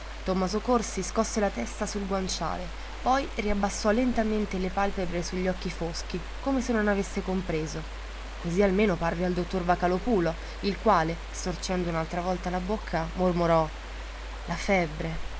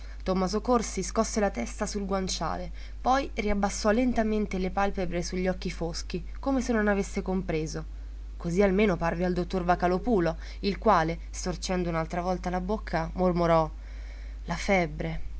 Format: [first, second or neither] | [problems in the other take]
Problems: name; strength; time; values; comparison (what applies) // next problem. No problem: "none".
second | background sound (Stream); 16 dB below the speech